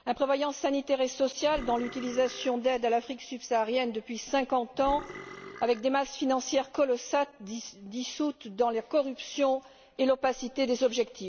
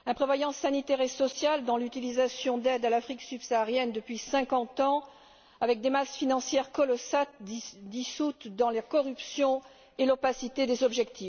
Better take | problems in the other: second | background sound (Burping, eructation); 15 dB below the speech

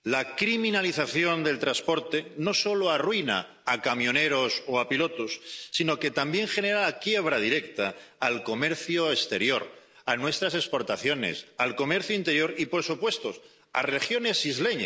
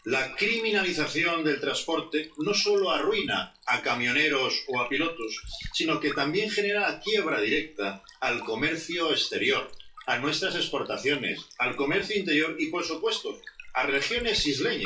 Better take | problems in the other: first | noise reduction (classical method WPE with log-MMSE)

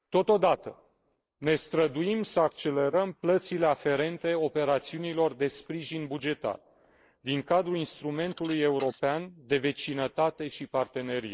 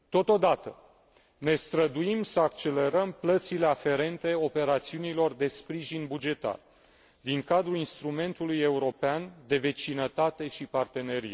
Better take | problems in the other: second | noise reduction (neural mask model Resemble Enhance denoiser)

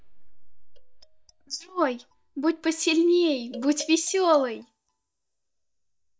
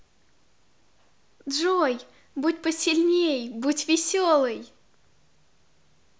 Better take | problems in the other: second | noise reduction (neural mask model DeepFilterNet 3)

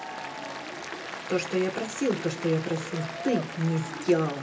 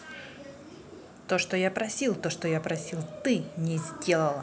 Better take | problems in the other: second | background sound (Applause); 9 dB below the speech // room echo; dies away in 0.2 s

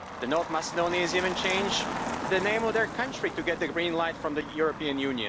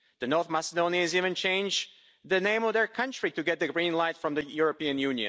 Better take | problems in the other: second | background sound (Motor vehicle (road)); 6 dB below the speech

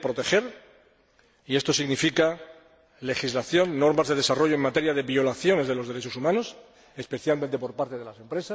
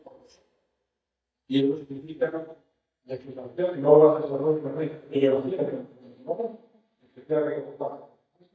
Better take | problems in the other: first | noise reduction (neural mask model DeepFilterNet 3)

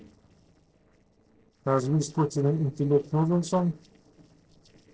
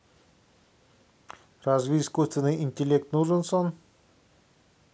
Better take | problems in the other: second | noise reduction (neural separator model SepFormer DNS4)

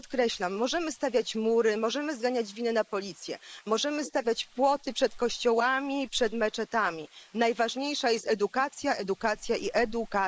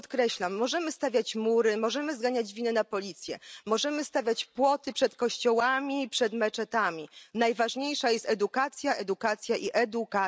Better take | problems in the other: second | noise reduction (neural mask model Resemble Enhance denoiser)

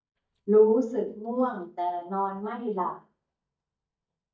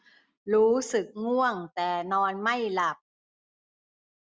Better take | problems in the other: second | noise reduction (neural mask model DeepFilterNet 3)

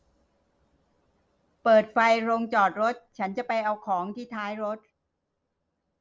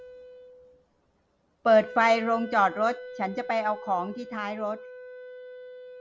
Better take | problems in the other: first | background sound (Wind instrument, woodwind instrument); 15 dB below the speech

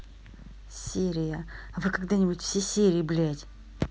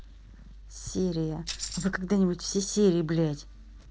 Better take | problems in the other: first | noise reduction (neural separator model SepFormer DNS4)

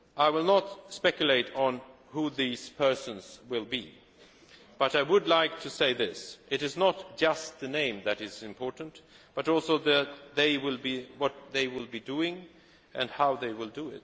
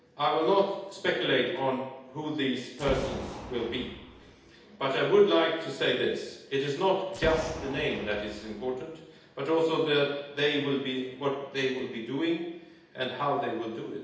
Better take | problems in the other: first | background sound (Boom); 12 dB below the speech // room echo; dies away in 0.8 s

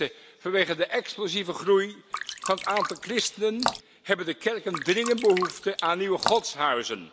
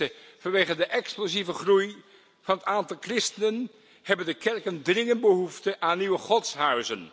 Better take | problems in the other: second | background sound (Drip); 7 dB below the speech

